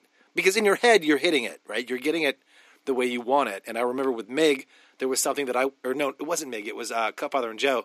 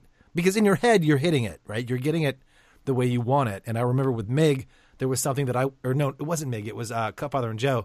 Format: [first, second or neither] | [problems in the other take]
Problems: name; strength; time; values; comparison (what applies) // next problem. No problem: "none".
second | thin; somewhat; fading below 250 Hz